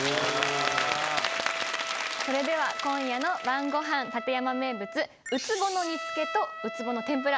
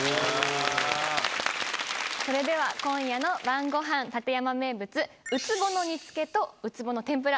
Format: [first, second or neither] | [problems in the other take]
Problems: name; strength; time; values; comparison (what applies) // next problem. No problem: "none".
second | background sound (Trumpet); 9 dB below the speech